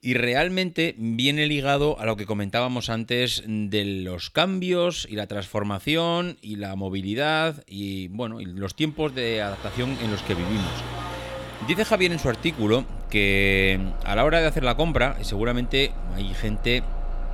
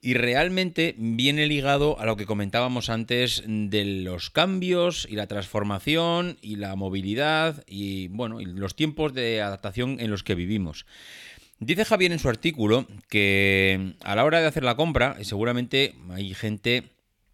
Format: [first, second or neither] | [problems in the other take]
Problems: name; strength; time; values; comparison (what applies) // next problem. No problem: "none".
second | traffic noise; noticeable; from 9.5 s on; 10 dB below the speech